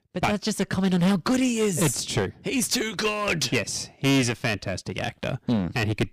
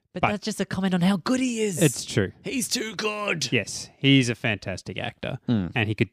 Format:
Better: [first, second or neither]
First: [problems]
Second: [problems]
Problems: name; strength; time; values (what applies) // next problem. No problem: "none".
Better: second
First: distortion; heavy; 11% of the sound clipped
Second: none